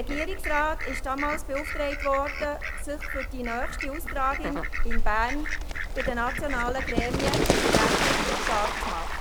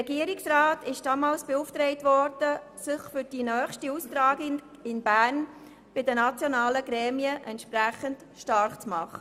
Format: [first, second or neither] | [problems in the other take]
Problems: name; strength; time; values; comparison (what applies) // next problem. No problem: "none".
second | background sound (Fowl); 4 dB above the speech